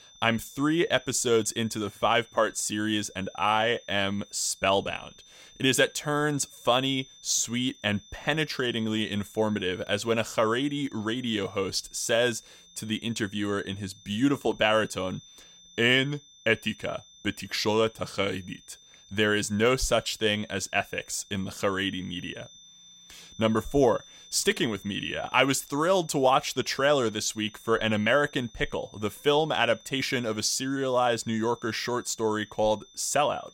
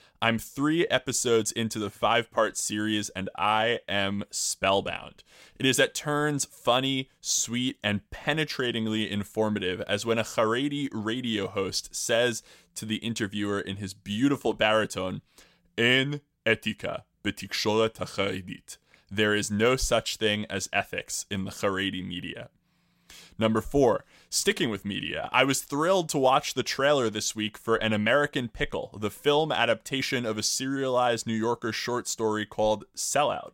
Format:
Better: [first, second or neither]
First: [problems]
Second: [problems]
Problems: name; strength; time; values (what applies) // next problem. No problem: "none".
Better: second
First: high-pitched whine; faint; throughout; 3.5 kHz, 25 dB below the speech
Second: none